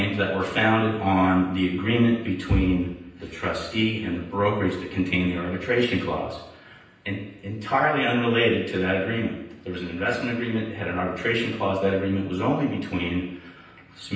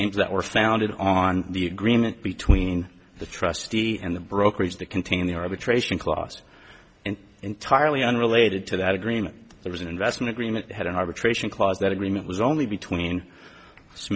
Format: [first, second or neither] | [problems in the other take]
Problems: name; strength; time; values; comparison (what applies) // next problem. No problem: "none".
second | room echo; dies away in 0.9 s